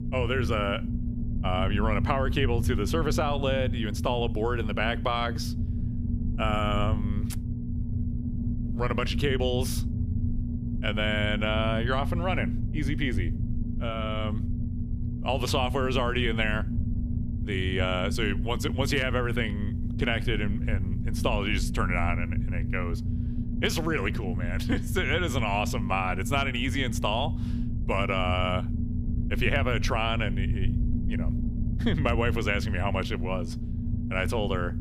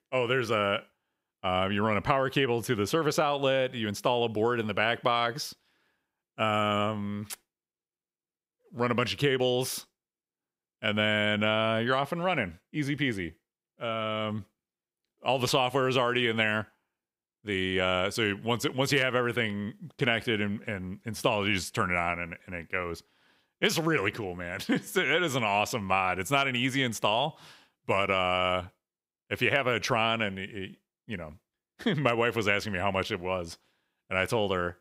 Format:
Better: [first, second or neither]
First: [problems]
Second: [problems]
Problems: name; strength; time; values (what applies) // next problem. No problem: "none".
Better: second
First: low rumble; noticeable; throughout; 10 dB below the speech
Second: none